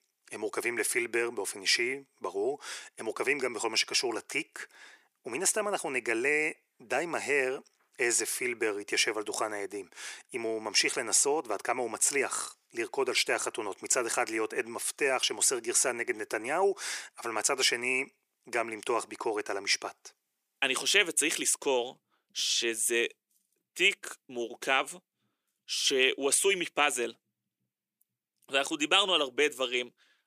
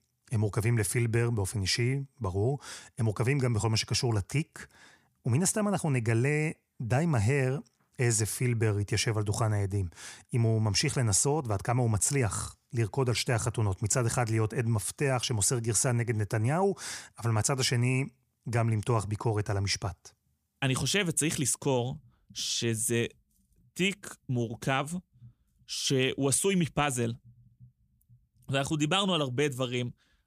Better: second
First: thin; very; fading below 350 Hz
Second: none

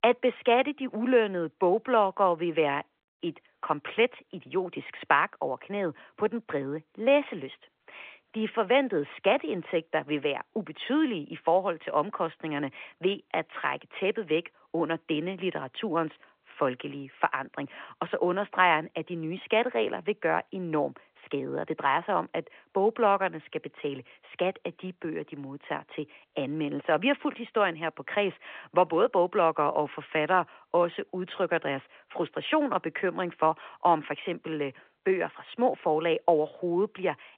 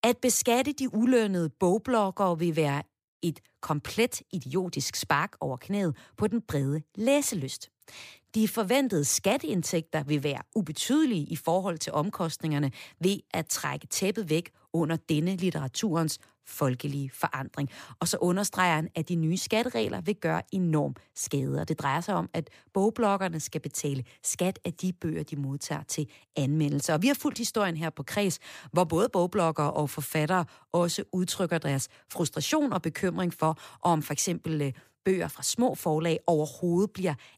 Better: second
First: phone-call audio; nothing above 3.5 kHz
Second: none

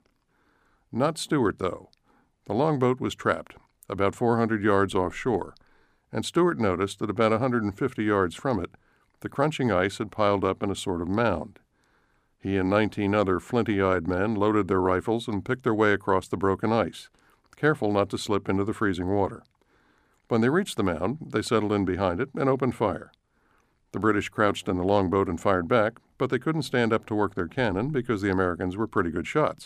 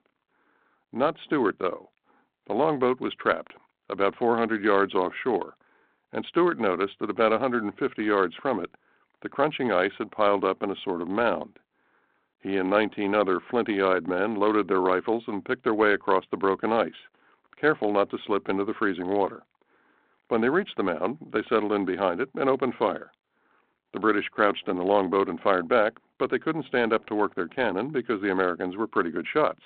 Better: first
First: none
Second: phone-call audio; nothing above 4 kHz

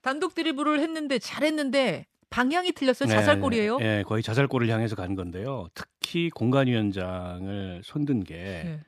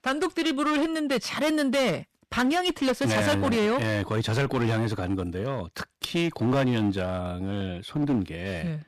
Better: first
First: none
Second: distortion; heavy; 13% of the sound clipped

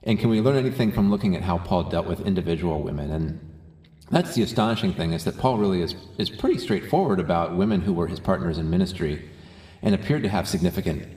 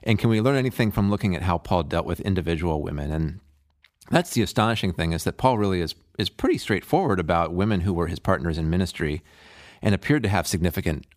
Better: second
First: room echo; very slight; dies away in 1.5 s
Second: none

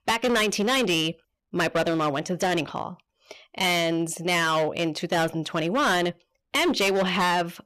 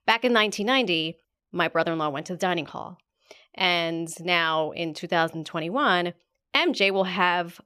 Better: second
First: distortion; heavy; 14% of the sound clipped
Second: none

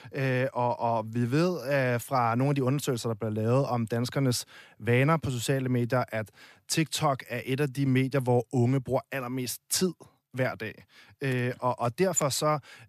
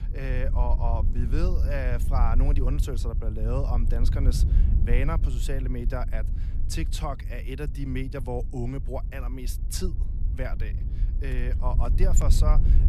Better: first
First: none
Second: wind noise on the microphone; occasional gusts; 10 dB below the speech

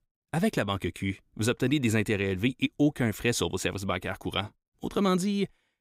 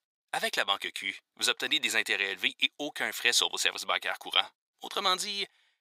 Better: first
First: none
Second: thin; very; fading below 850 Hz

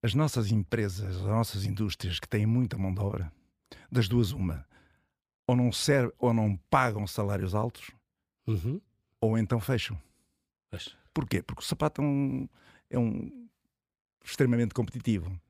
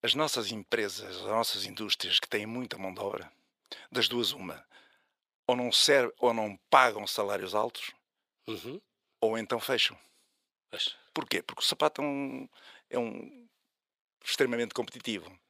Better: first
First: none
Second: thin; very; fading below 500 Hz

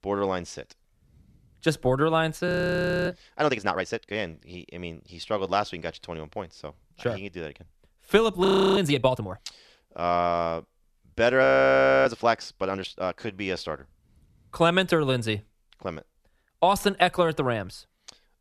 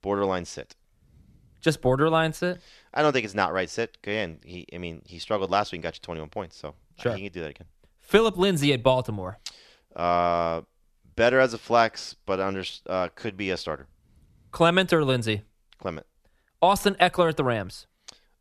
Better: second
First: audio freezing; at 2.5 s for 0.5 s, at 8.5 s and at 11 s for 0.5 s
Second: none

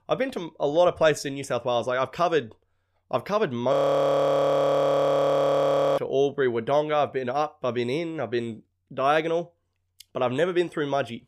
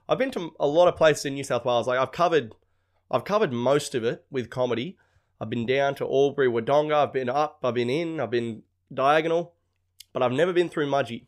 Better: second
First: audio freezing; at 3.5 s for 2 s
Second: none

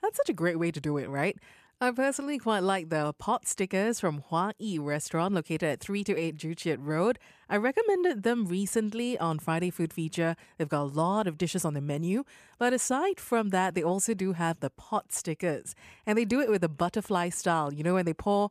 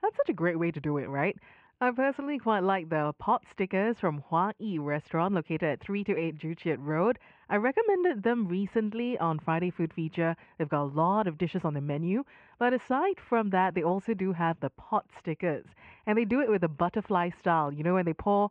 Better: first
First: none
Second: muffled; very; fading above 2.5 kHz

